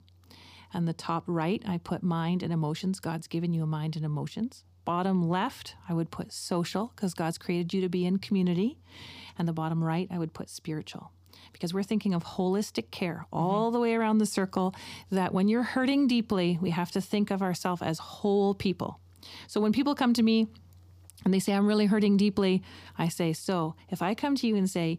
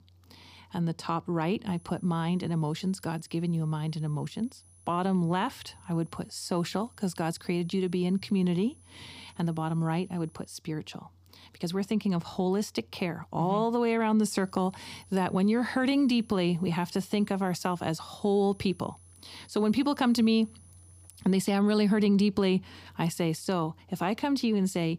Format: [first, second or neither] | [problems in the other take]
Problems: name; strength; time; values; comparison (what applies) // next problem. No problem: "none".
first | high-pitched whine; faint; from 1.5 to 11 s and from 14 to 22 s; 10 kHz, 30 dB below the speech